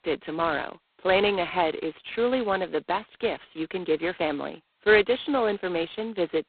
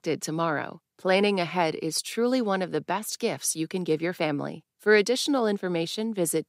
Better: second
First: phone-call audio; poor line; nothing above 4 kHz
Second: none

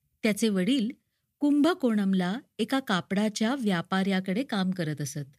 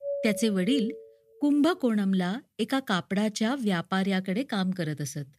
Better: first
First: none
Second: doorbell; noticeable; until 1 s; peak 6 dB below the speech

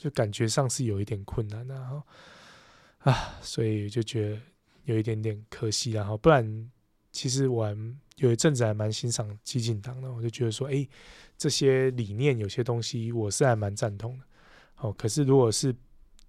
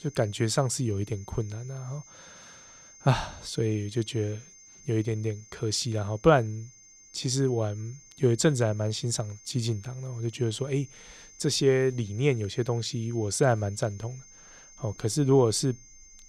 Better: first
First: none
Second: high-pitched whine; faint; throughout; 6.5 kHz, 20 dB below the speech

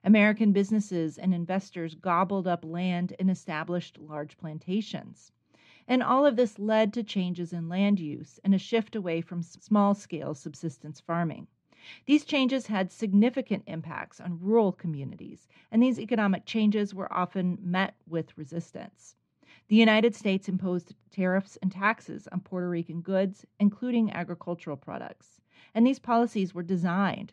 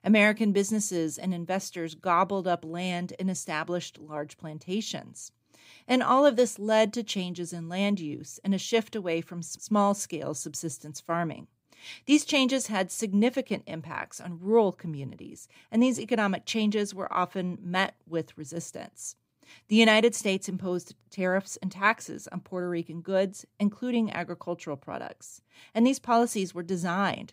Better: second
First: muffled; slightly; fading above 3.5 kHz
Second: none

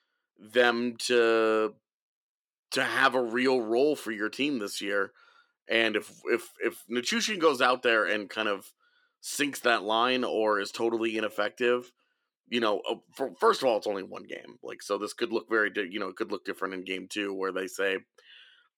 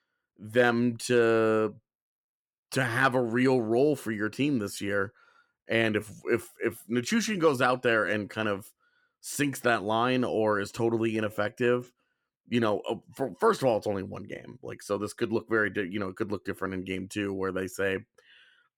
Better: second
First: thin; very slightly; fading below 350 Hz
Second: none

